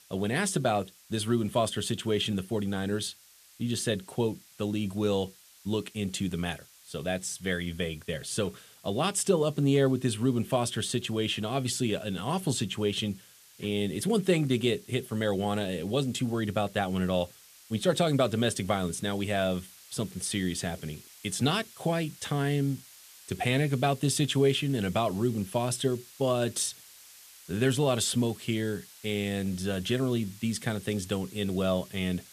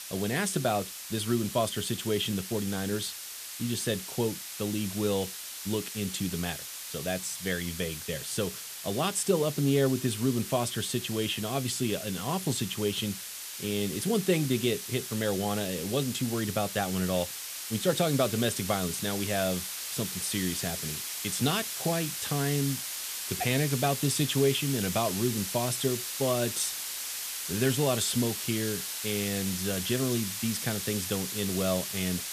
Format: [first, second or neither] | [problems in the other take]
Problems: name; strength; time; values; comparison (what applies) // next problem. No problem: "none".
first | hiss; loud; throughout; 4 dB below the speech; faint in the first